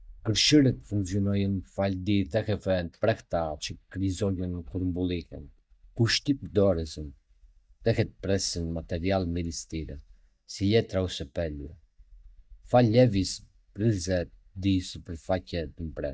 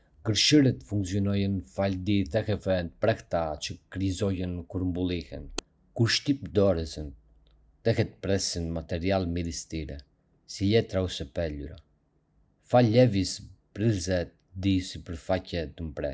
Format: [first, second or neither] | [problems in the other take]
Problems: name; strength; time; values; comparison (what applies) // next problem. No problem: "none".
second | noise reduction (neural mask model DeepFilterNet 3)